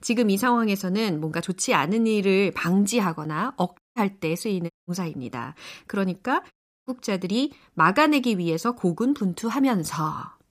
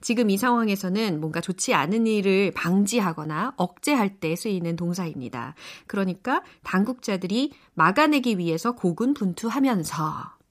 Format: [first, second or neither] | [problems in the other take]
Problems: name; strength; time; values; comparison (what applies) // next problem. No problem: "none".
second | audio cutting out; at 4 s, at 4.5 s and at 6.5 s